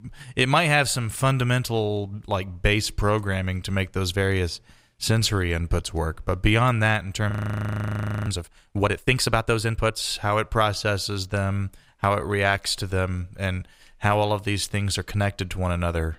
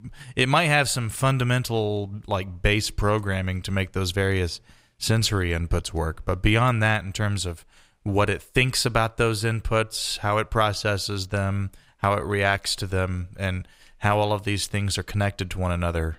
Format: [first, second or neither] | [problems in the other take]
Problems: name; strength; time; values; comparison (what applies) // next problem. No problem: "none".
second | audio freezing; at 7.5 s for 1 s